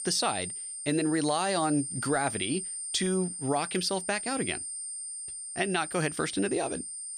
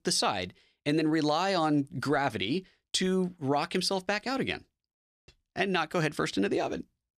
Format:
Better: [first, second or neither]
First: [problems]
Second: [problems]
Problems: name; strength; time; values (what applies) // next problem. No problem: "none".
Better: second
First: high-pitched whine; loud; throughout; 8.5 kHz, 5 dB below the speech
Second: none